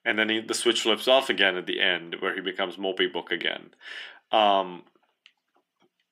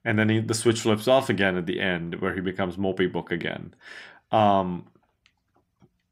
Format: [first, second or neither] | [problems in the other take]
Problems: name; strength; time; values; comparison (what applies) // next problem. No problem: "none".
second | thin; somewhat; fading below 300 Hz